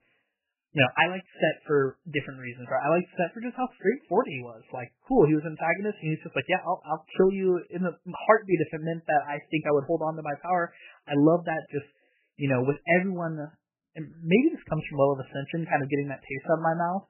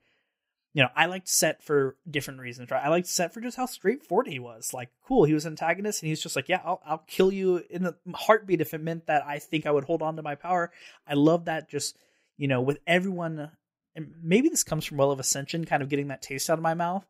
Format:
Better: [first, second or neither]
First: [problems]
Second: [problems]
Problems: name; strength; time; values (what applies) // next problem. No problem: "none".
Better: second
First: garbled, watery; badly; nothing above 3 kHz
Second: none